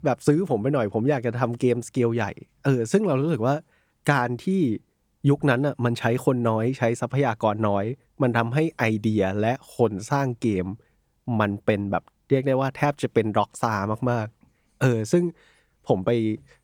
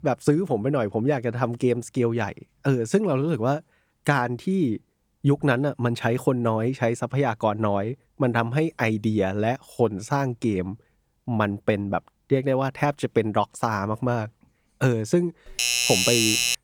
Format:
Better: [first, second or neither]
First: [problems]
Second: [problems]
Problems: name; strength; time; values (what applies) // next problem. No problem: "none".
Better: first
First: none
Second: doorbell; loud; from 15 s on; peak 5 dB above the speech